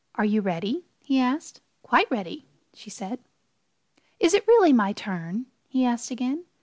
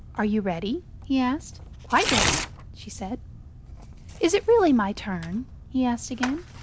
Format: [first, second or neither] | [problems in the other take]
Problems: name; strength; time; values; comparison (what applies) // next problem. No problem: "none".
first | background sound (Tearing); 7 dB below the speech